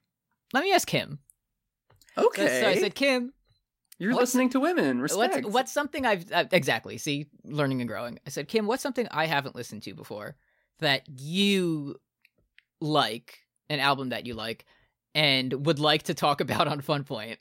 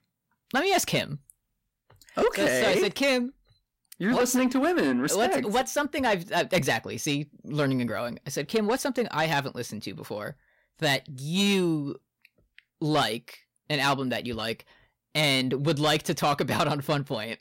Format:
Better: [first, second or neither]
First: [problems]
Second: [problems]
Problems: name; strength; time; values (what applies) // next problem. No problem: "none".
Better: first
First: none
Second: distortion; slight; 10 dB below the speech